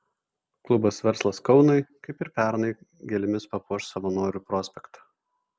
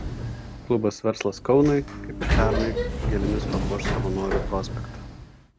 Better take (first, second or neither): first